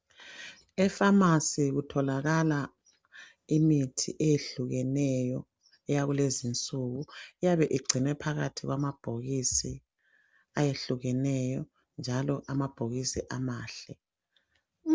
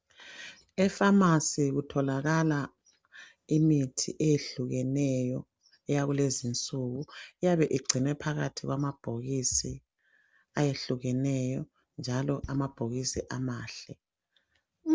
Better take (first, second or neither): first